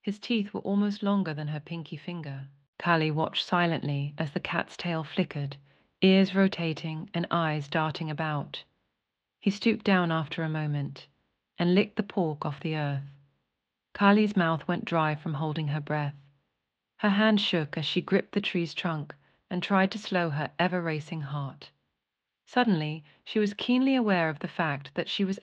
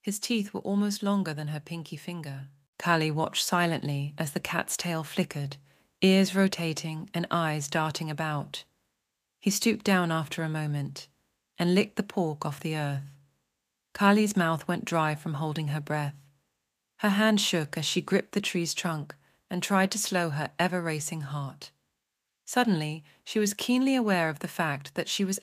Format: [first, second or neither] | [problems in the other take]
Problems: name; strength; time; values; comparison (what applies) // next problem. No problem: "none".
second | muffled; slightly; fading above 3.5 kHz